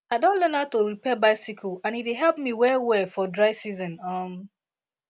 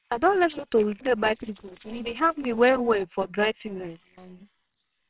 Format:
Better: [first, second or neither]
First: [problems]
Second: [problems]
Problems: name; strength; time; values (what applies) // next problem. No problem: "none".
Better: first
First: none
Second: noise reduction (neural separator model SepFormer WHAMR!)